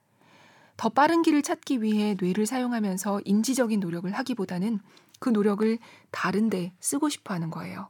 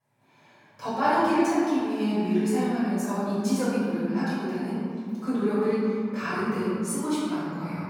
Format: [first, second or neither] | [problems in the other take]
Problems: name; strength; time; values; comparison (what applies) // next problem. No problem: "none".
first | off-mic speech; far // room echo; strong; dies away in 2.1 s